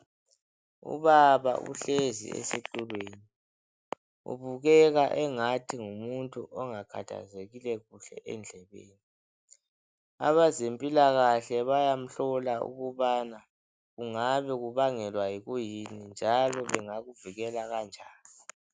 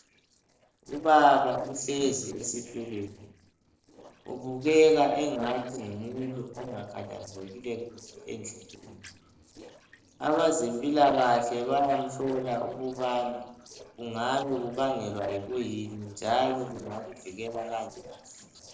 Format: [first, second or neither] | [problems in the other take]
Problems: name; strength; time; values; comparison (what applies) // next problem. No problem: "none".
first | noise reduction (neural separator model SepFormer DNS4)